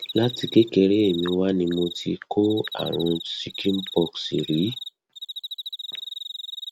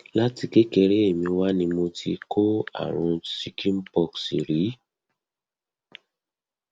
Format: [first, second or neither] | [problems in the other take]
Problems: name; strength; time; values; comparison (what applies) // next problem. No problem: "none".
second | background sound (Cricket); 12 dB below the speech